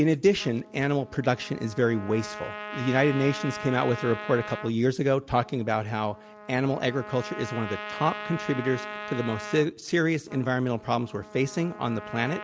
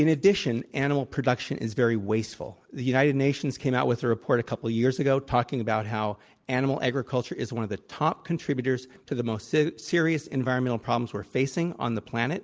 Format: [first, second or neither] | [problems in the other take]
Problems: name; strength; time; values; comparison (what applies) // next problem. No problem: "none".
second | background sound (Trumpet); 13 dB below the speech